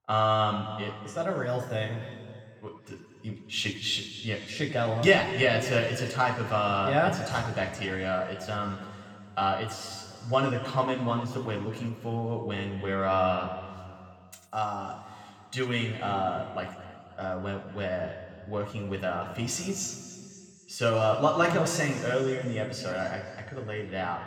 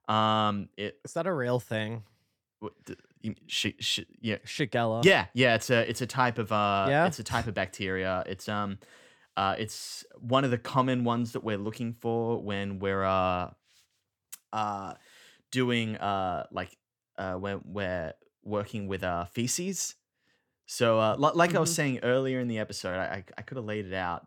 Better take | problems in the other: second | room echo; noticeable; dies away in 2.2 s // off-mic speech; somewhat distant

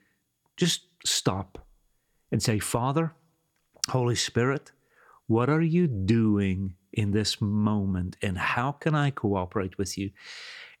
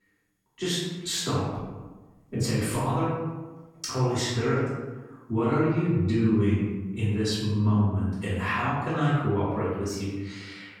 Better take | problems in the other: first | off-mic speech; far // room echo; noticeable; dies away in 1.1 s

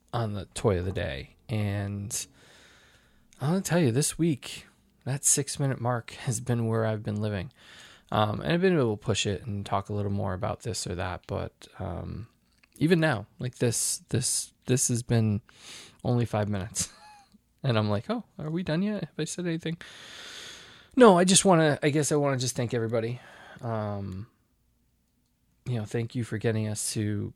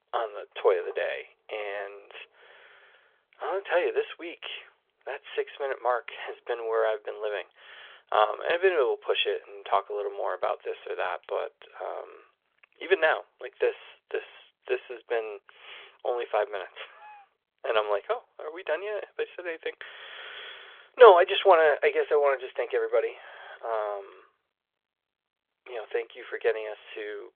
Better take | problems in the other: first | phone-call audio; nothing above 3.5 kHz

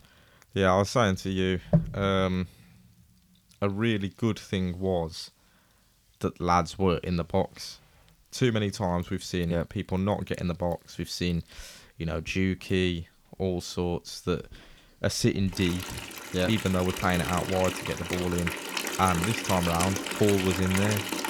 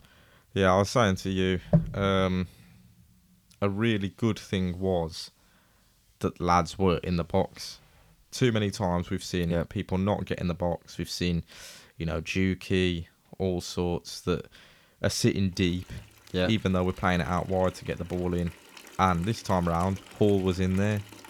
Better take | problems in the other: second | household noises; loud; throughout; 4 dB below the speech; faint in the second

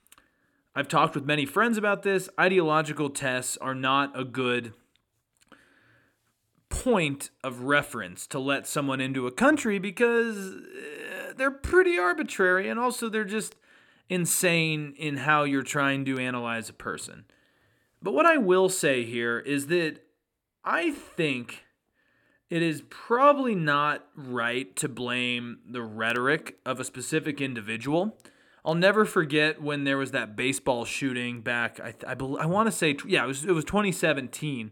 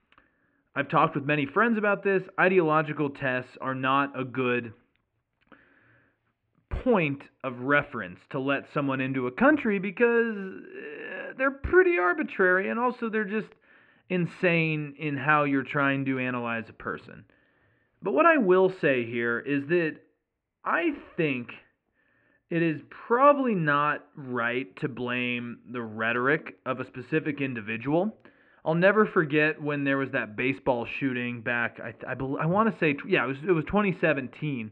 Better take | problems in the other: first | muffled; very; fading above 2.5 kHz

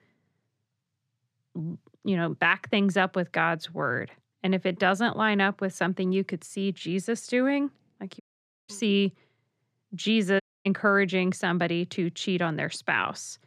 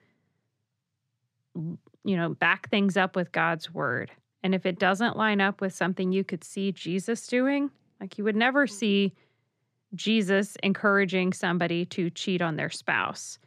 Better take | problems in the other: second | audio cutting out; at 8 s and at 10 s

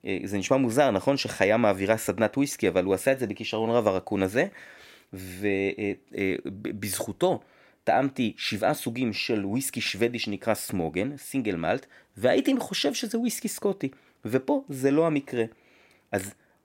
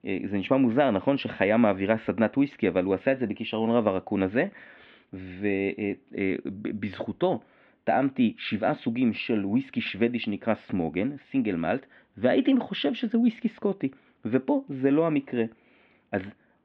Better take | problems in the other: first | muffled; very; fading above 3.5 kHz

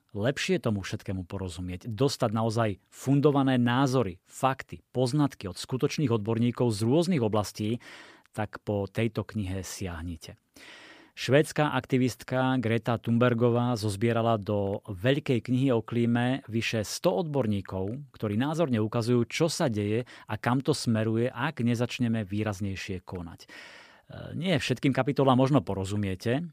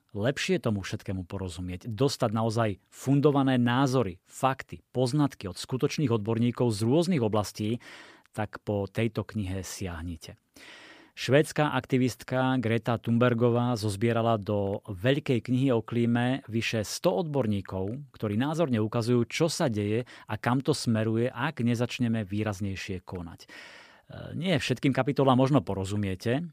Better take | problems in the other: neither | none

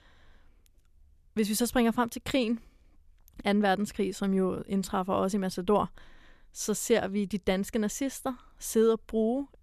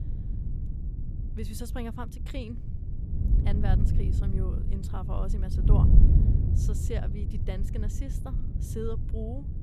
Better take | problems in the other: first | wind noise on the microphone; heavy; 2 dB below the speech

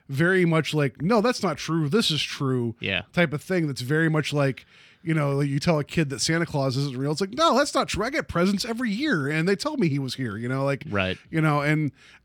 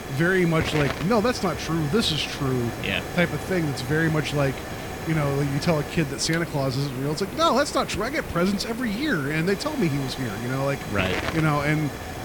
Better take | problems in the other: first | hiss; loud; throughout; 8 dB below the speech

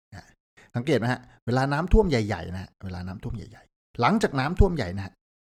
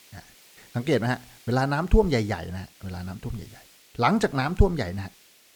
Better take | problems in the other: first | hiss; faint; throughout; 25 dB below the speech

